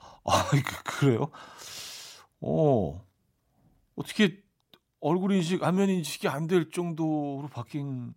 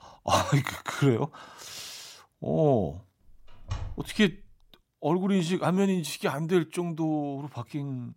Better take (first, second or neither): first